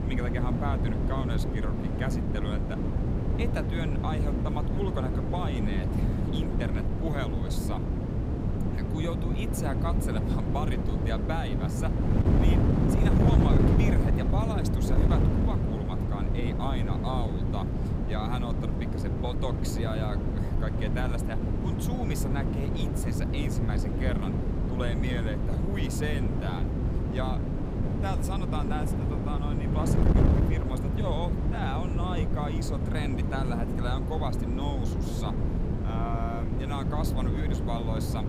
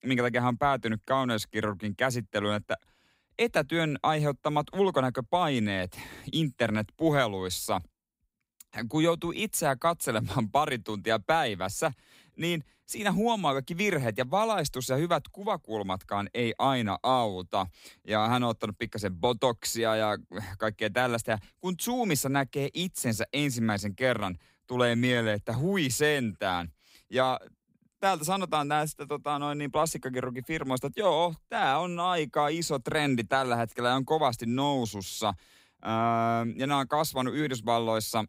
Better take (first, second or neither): second